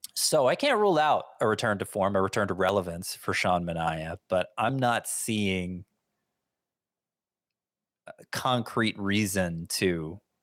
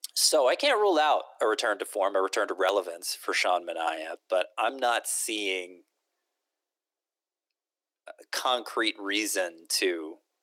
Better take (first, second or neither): first